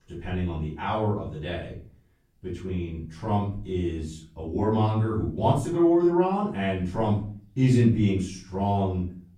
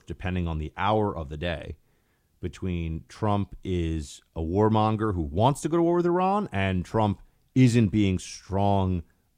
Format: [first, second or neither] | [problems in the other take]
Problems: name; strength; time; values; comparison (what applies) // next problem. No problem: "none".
second | off-mic speech; far // room echo; noticeable; dies away in 0.4 s